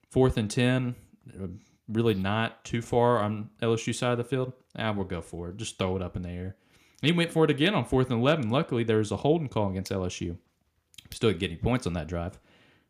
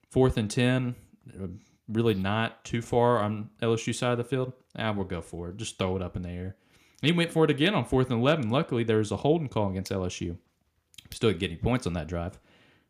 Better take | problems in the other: neither | none

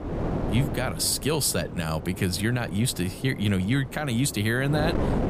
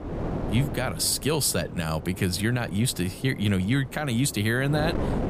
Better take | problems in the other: second | wind noise on the microphone; heavy; 9 dB below the speech; occasional gusts in the second

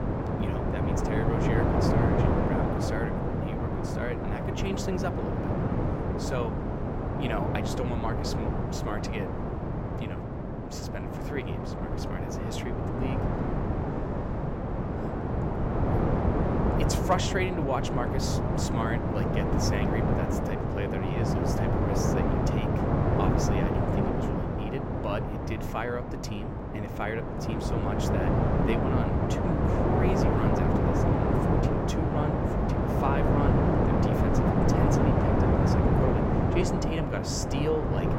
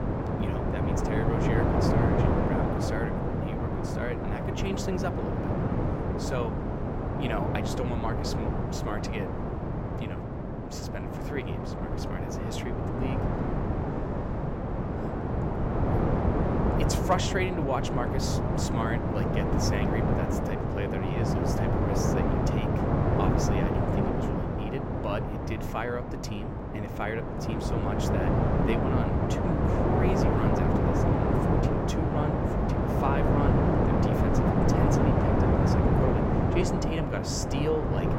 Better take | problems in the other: neither | wind noise on the microphone; heavy; 4 dB above the speech; the same in both

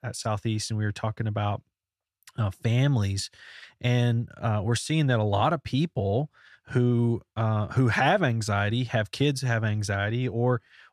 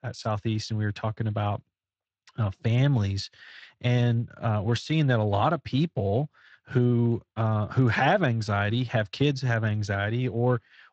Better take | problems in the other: first | garbled, watery; slightly

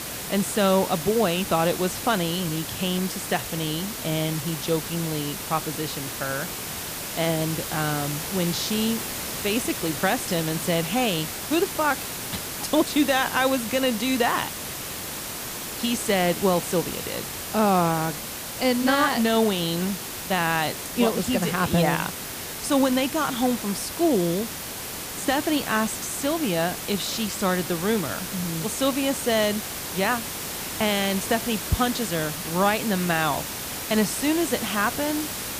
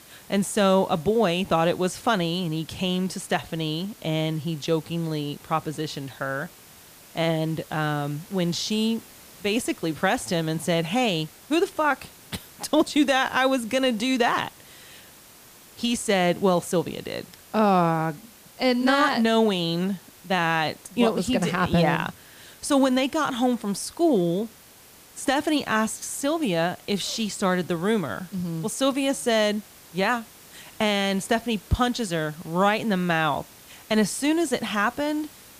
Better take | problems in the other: second | hiss; loud; throughout; 6 dB below the speech; faint in the second

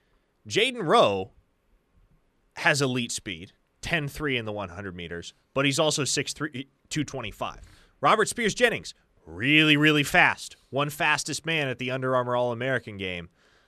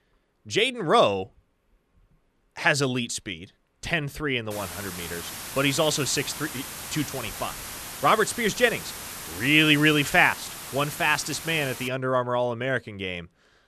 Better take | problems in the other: first | hiss; noticeable; from 4.5 to 12 s; 10 dB below the speech

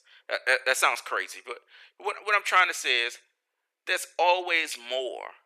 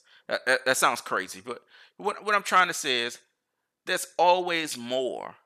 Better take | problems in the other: second | thin; very; fading below 350 Hz

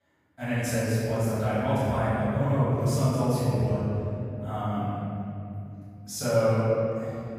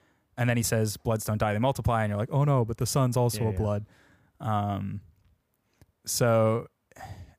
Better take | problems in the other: second | off-mic speech; far // room echo; strong; dies away in 2.8 s

